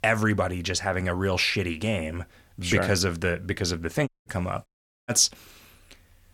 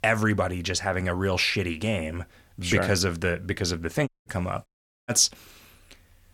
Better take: neither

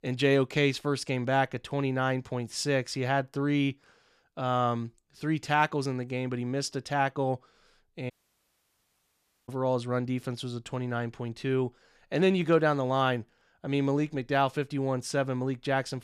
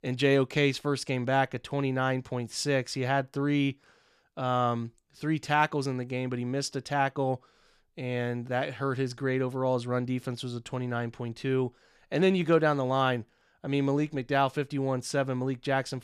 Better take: second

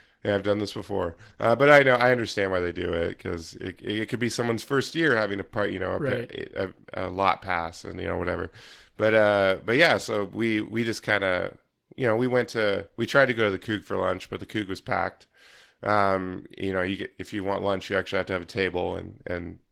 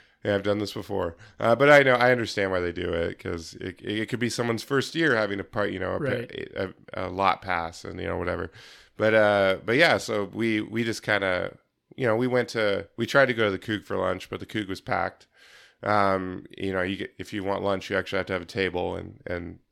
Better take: second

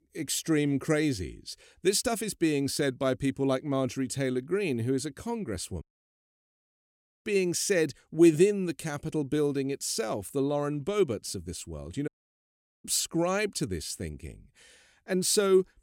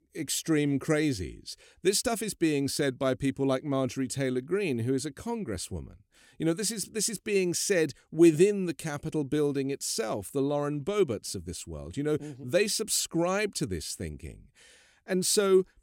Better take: second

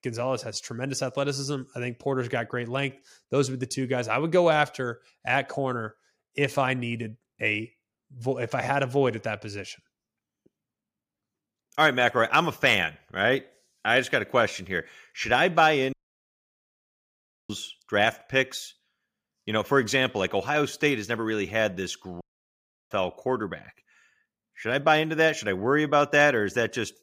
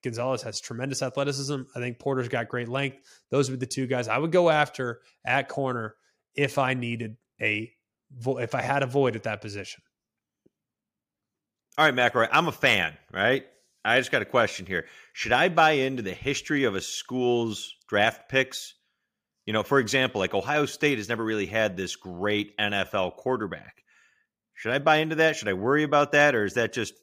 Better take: second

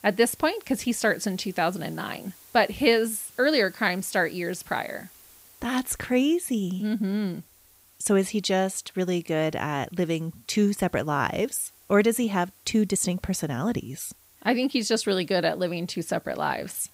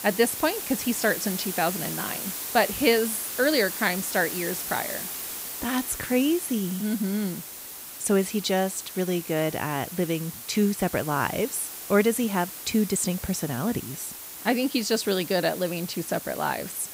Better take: first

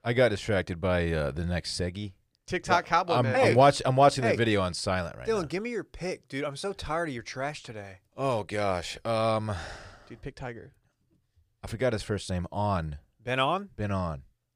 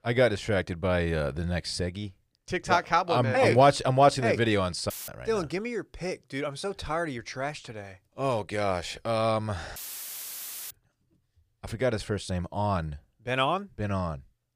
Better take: first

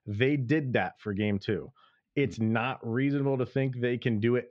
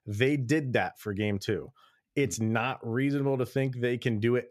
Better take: second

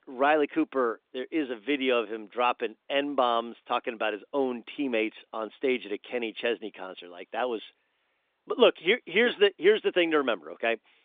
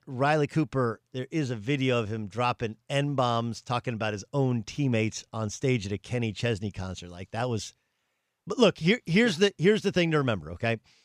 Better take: second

